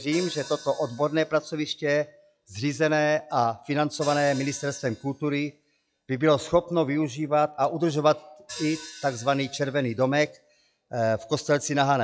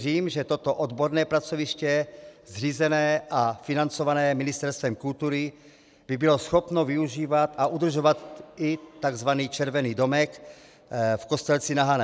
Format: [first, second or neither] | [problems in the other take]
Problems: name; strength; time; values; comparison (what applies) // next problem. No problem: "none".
second | noise reduction (classical method log-MMSE)